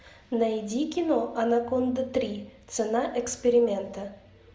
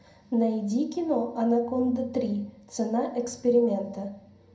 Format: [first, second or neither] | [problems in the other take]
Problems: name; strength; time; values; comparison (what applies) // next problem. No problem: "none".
first | room echo; dies away in 0.2 s